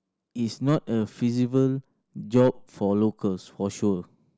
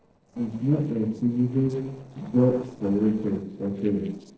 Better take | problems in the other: first | noise reduction (neural separator model SepFormer DNS4)

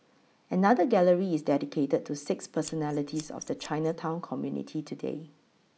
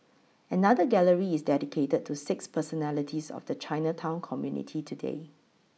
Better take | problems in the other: second | background sound (Scissors); 19 dB below the speech

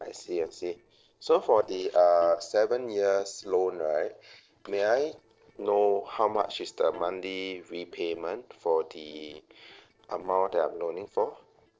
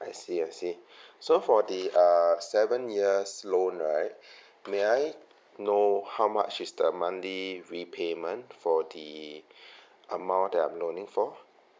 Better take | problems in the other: second | noise reduction (neural separator model SepFormer DNS4)

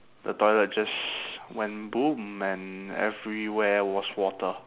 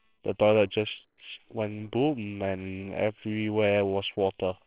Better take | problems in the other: first | noise reduction (neural separator model SepFormer WHAMR!)

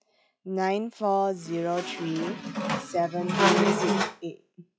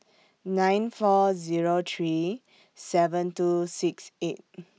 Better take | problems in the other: second | noise reduction (classical method log-MMSE)

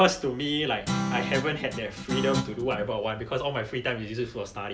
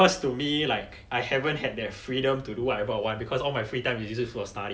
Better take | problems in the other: second | background sound (Guitar); 4 dB below the speech

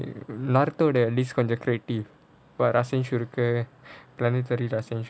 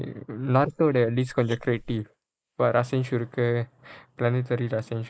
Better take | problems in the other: first | noise reduction (neural mask model Resemble Enhance denoiser)

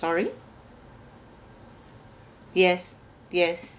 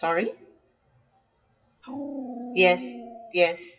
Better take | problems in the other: first | noise reduction (classical method WPE with log-MMSE)

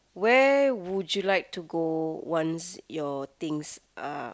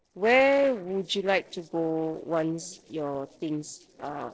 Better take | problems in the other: first | noise reduction (neural separator model SepFormer DNS4)

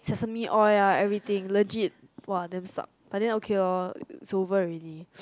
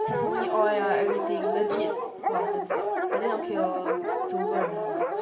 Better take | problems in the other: first | background sound (Dog); 4 dB above the speech // room echo; dies away in 0.9 s

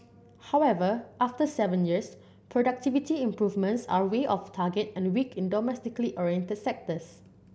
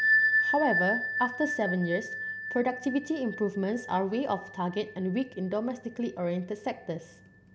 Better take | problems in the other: first | background sound (Bell); 2 dB below the speech

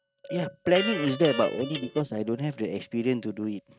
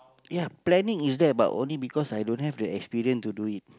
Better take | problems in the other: second | noise reduction (neural mask model RNNoise)

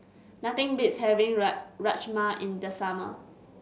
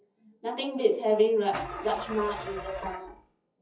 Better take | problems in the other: first | noise reduction (classical method WPE with log-MMSE)

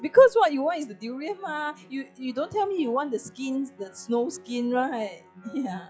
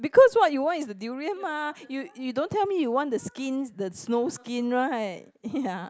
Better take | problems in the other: second | noise reduction (classical method log-MMSE)

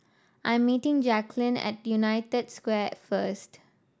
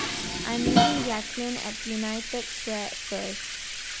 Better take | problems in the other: first | background sound (Bathtub (filling or washing) + Dishes, pots, and pans); 4 dB above the speech

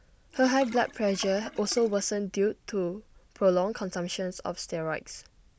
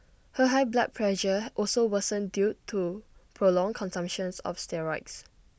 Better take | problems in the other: second | background sound (Sink (filling or washing)); 18 dB below the speech

